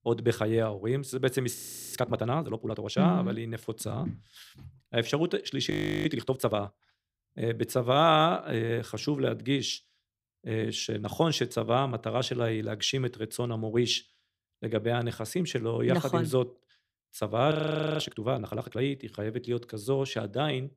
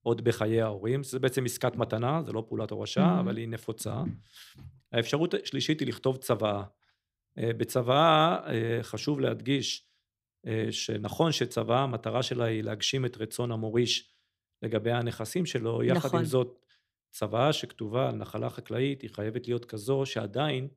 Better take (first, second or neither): second